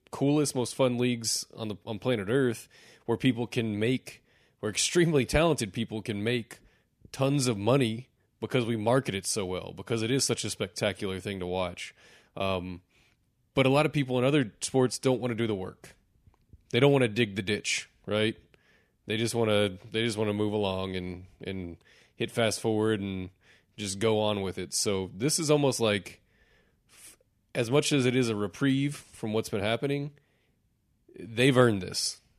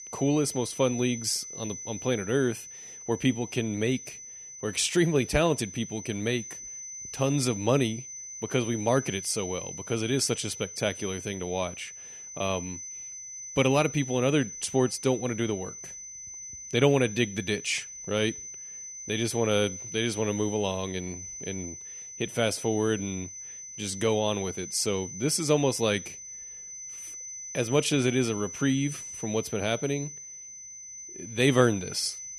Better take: first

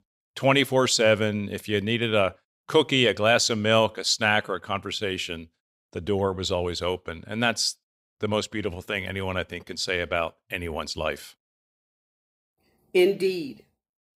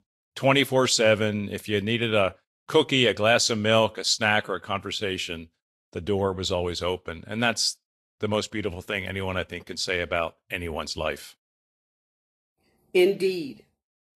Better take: first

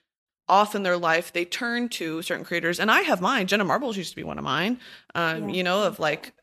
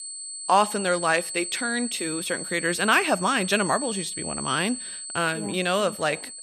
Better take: first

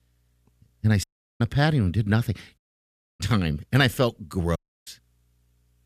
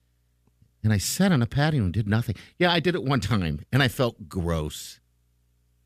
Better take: second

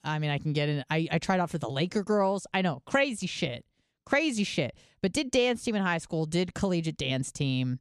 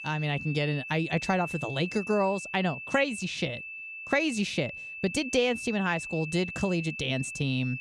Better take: first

